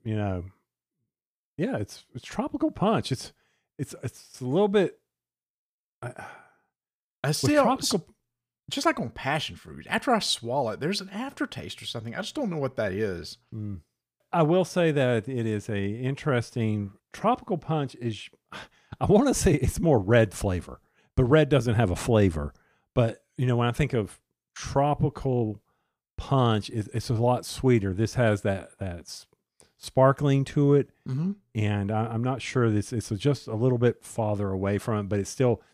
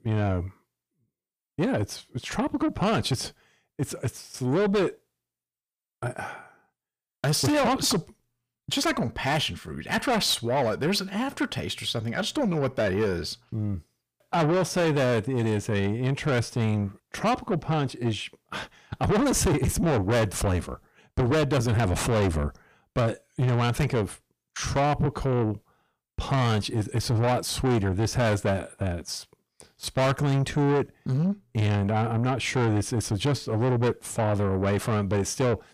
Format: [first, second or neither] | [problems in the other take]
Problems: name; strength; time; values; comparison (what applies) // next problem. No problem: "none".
first | distortion; heavy; 6 dB below the speech